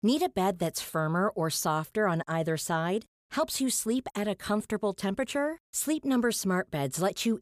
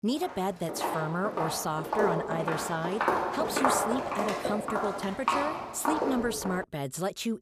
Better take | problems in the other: first | footsteps; loud; from 0.5 to 6.5 s; peak 6 dB above the speech

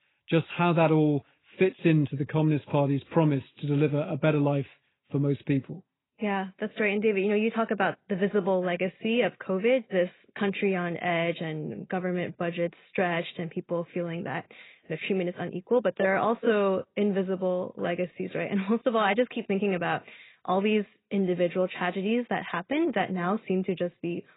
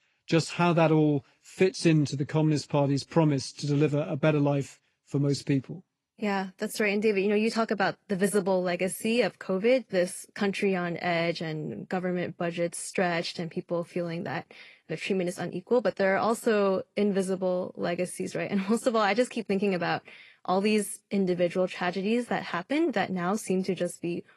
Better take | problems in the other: second | garbled, watery; badly; nothing above 4 kHz; slightly in the second

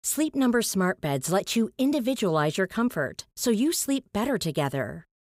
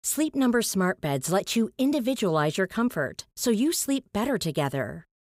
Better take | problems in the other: neither | none

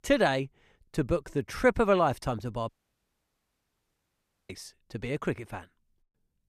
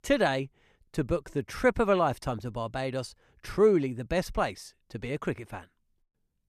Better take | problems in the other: second | audio cutting out; at 2.5 s for 2 s

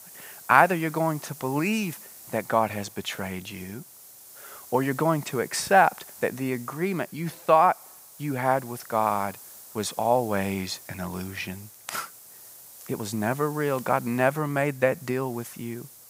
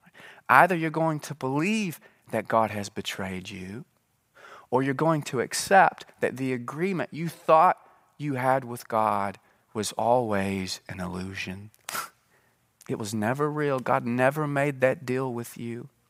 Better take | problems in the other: second | hiss; noticeable; throughout; 20 dB below the speech

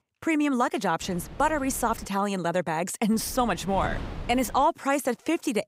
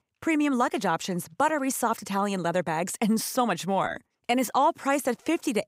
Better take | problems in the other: second | wind noise on the microphone; occasional gusts; from 1 to 2 s and from 3 to 4.5 s; 20 dB below the speech

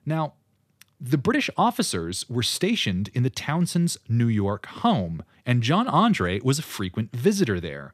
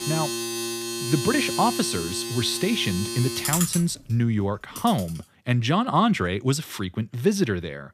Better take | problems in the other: first | household noises; loud; until 4.5 s; 4 dB below the speech

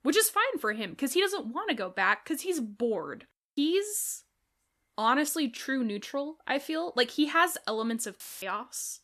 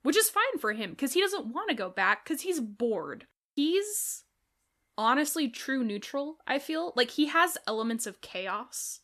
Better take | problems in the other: second | audio cutting out; filled with static; at 8 s

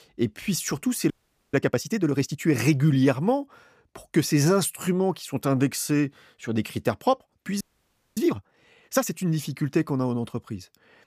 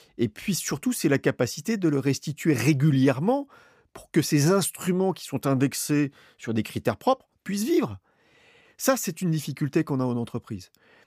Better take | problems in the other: second | audio freezing; at 1 s and at 7.5 s for 0.5 s

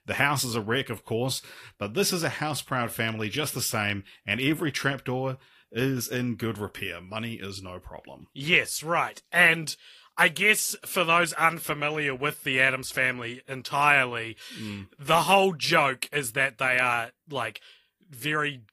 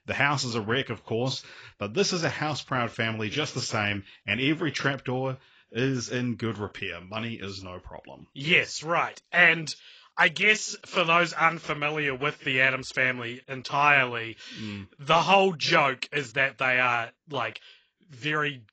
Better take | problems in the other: first | garbled, watery; badly; nothing above 7.5 kHz; slightly in the first

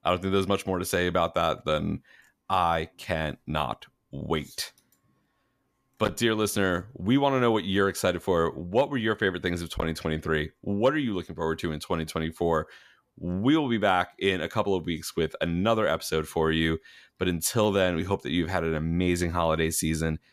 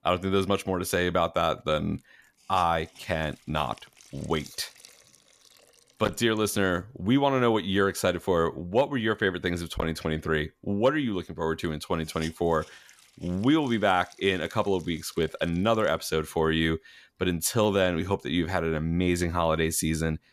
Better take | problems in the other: first | hiss; faint; throughout; 25 dB below the speech

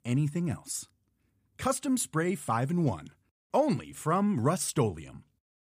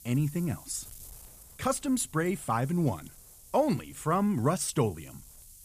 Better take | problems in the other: first | wind noise on the microphone; occasional gusts; 25 dB below the speech

